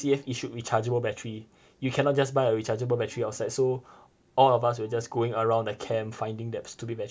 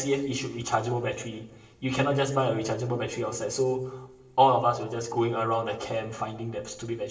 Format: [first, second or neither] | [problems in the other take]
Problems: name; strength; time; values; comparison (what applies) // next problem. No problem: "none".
first | room echo; dies away in 0.8 s